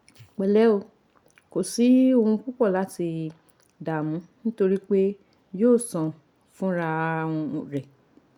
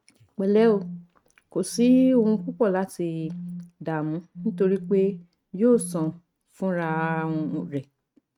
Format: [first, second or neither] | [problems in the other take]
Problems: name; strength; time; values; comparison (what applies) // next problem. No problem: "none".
first | noise reduction (neural mask model RNNoise)